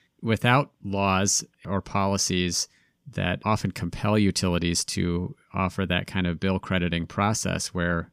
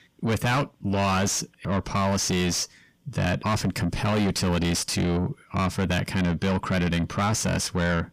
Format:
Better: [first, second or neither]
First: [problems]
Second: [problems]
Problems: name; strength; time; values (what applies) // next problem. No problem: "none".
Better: first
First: none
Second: distortion; heavy; 6 dB below the speech